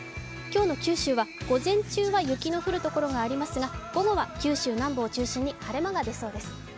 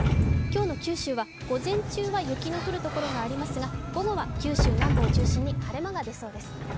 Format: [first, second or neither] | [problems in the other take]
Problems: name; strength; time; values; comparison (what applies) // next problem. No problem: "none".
first | background sound (Sliding door); 3 dB above the speech